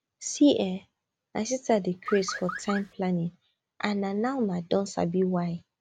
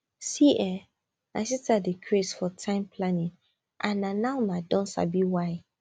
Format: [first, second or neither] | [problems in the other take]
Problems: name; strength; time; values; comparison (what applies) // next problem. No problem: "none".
second | background sound (Car); 10 dB below the speech